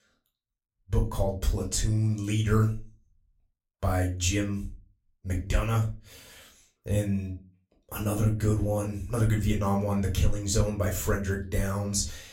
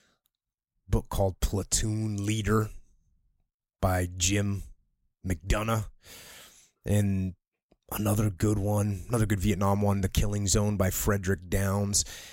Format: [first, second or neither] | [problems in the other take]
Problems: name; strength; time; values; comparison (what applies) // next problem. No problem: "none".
second | off-mic speech; somewhat distant // room echo; very slight; dies away in 0.2 s